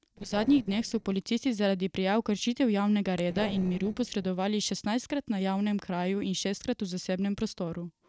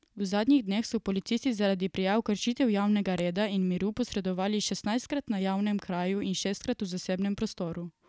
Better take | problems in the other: second | noise reduction (neural separator model SepFormer DNS4)

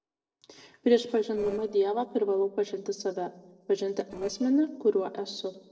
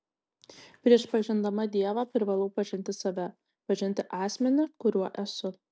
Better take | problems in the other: second | noise reduction (neural separator model SepFormer DNS4)

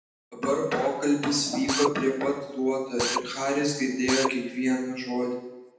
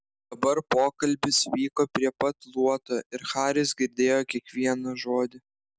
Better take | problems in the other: second | background sound (Drill); 5 dB below the speech // room echo; dies away in 0.9 s

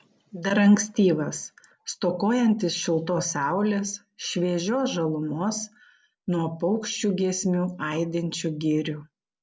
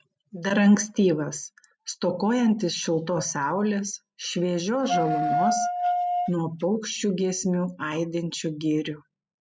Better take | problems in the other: first | noise reduction (classical method spectral subtraction)

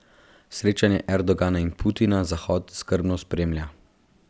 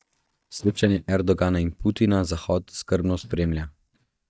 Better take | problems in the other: first | noise reduction (neural mask model DeepFilterNet 3)

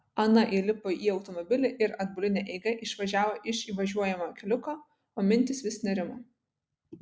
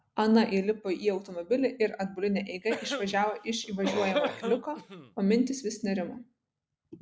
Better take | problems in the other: first | background sound (Cough); 6 dB below the speech

